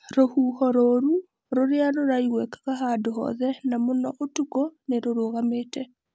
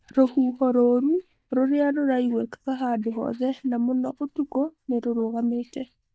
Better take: first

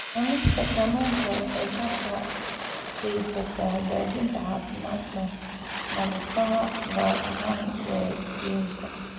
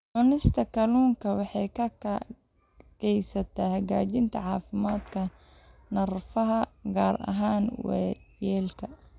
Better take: second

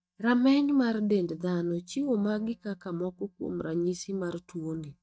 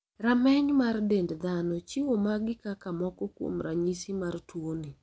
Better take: second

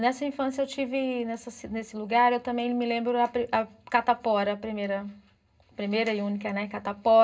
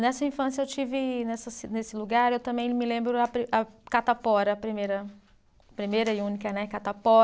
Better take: second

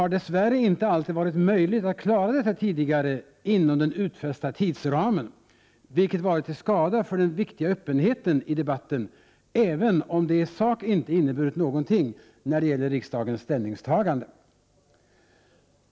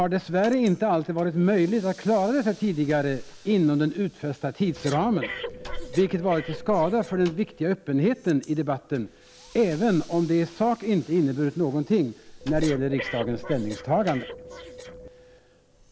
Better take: first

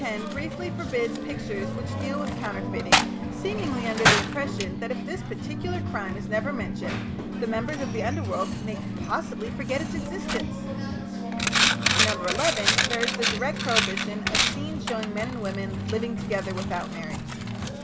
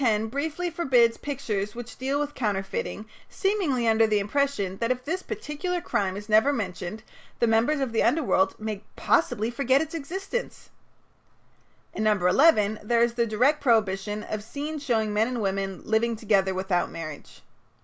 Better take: second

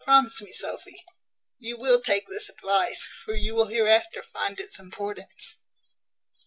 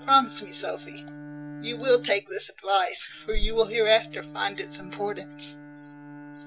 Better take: first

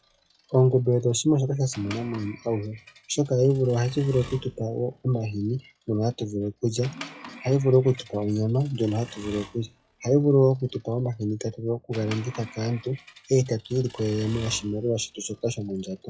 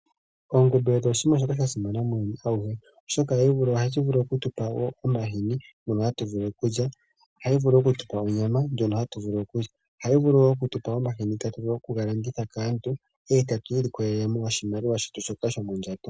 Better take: second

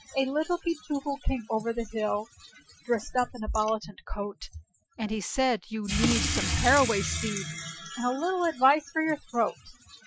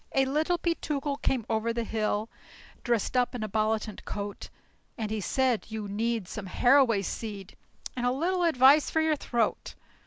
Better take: second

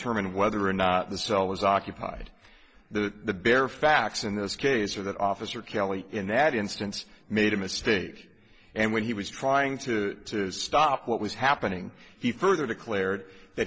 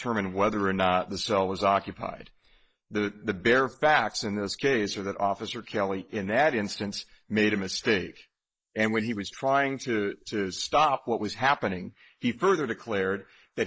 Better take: first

